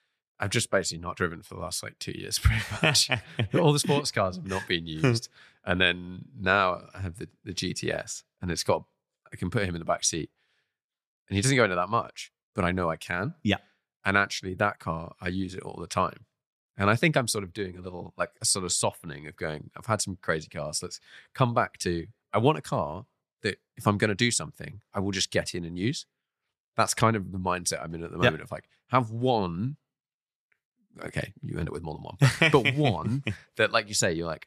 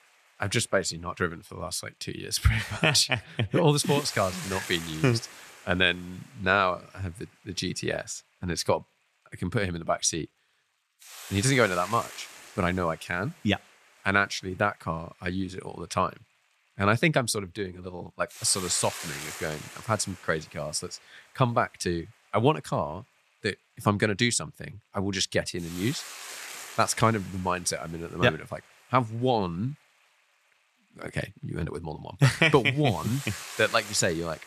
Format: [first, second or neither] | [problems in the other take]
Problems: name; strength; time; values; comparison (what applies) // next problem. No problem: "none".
first | hiss; noticeable; throughout; 15 dB below the speech